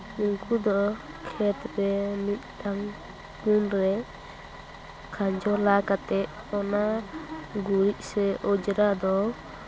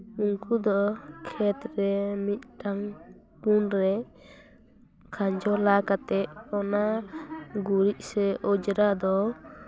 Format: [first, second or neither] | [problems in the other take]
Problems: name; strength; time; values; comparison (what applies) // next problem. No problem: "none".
second | background sound (Bus); 16 dB below the speech